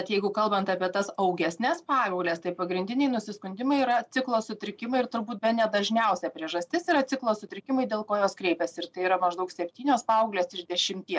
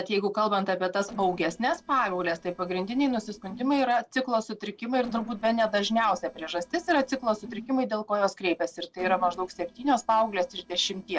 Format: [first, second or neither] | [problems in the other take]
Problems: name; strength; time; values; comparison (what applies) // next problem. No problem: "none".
first | noise reduction (neural separator model SepFormer DNS4)